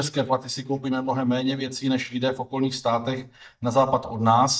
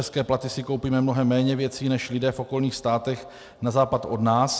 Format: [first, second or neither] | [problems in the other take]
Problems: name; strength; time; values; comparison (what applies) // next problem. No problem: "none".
second | noise reduction (neural mask model DeepFilterNet 3)